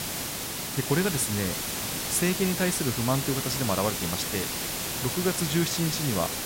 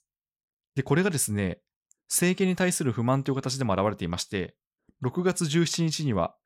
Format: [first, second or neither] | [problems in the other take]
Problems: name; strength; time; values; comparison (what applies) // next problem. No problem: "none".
second | hiss; loud; throughout; 1 dB below the speech